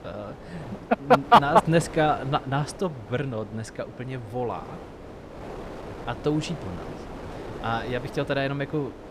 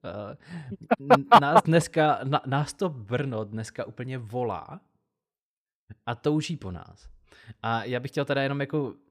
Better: second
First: wind noise on the microphone; occasional gusts; 15 dB below the speech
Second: none

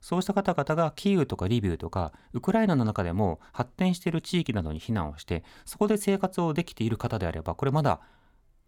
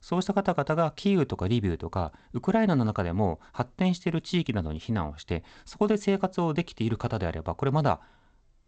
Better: first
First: none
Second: garbled, watery; slightly; nothing above 7.5 kHz

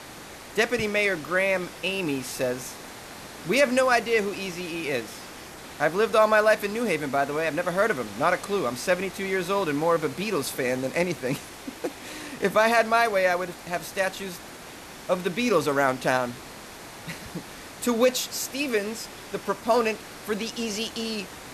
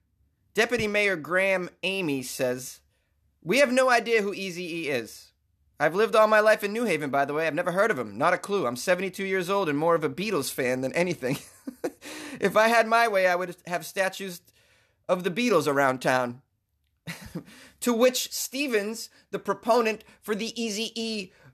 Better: second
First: hiss; noticeable; throughout; 15 dB below the speech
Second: none

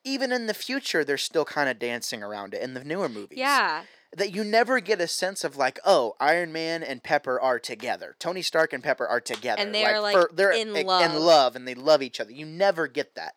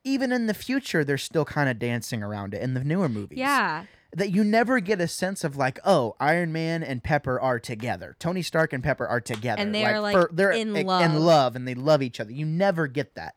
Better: second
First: thin; somewhat; fading below 400 Hz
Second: none

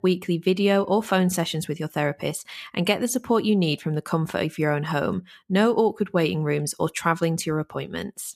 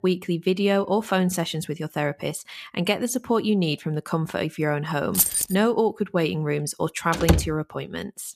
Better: first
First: none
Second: jangling keys; loud; at 5 s; peak 5 dB above the speech // door banging; loud; at 7 s; peak 2 dB above the speech

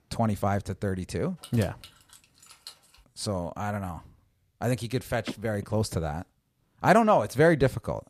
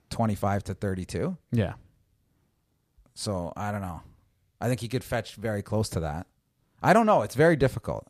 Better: second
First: jangling keys; faint; from 1.5 to 3 s; peak 15 dB below the speech // phone ringing; faint; from 5.5 to 7 s; peak 15 dB below the speech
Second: none

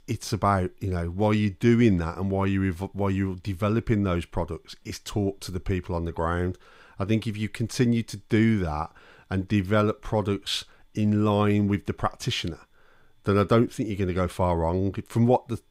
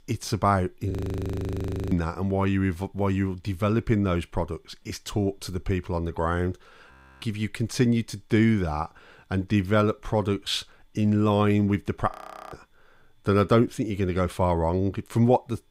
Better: first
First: none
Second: audio freezing; at 1 s for 1 s, at 7 s and at 12 s

